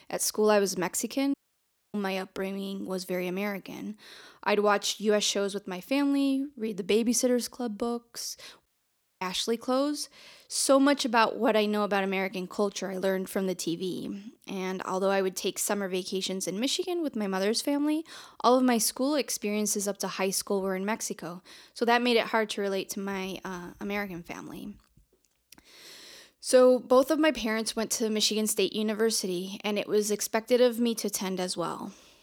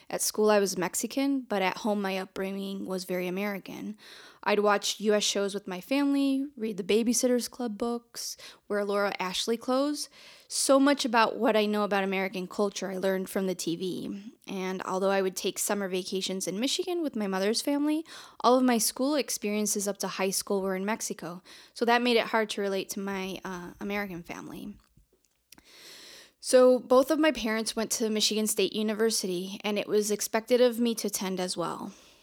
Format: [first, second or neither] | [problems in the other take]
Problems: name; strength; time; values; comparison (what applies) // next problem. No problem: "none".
second | audio cutting out; at 1.5 s for 0.5 s and at 8.5 s for 0.5 s